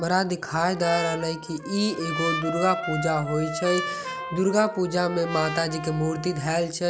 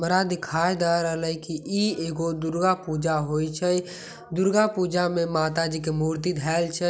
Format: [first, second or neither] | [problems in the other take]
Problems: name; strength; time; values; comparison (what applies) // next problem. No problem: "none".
second | background sound (Trumpet); 8 dB below the speech